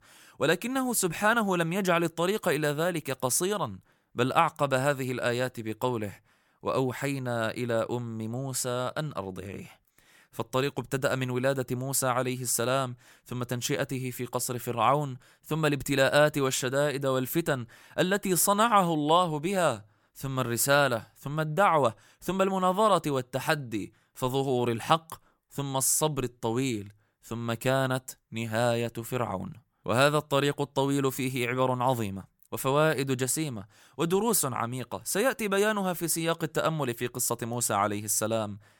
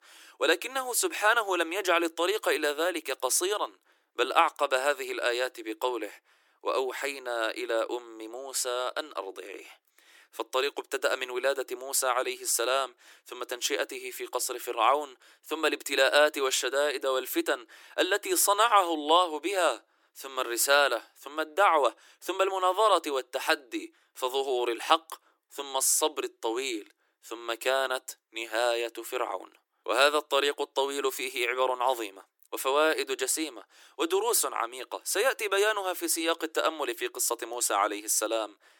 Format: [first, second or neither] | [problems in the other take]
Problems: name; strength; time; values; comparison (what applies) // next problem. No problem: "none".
first | thin; very; fading below 300 Hz